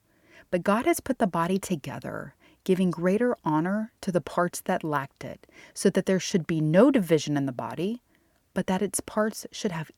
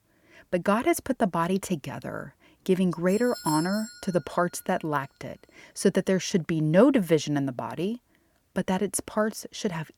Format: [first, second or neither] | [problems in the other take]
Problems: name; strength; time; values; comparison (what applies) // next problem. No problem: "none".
first | doorbell; noticeable; from 3 to 4 s; peak 8 dB below the speech